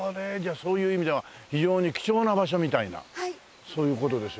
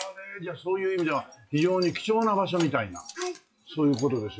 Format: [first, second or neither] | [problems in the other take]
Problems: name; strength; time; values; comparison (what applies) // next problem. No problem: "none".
first | noise reduction (classical method WPE with log-MMSE)